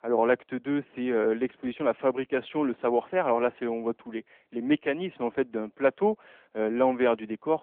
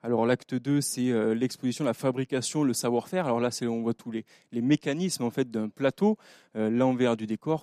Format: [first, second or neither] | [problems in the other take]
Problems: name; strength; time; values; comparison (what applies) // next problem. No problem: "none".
second | phone-call audio; nothing above 3.5 kHz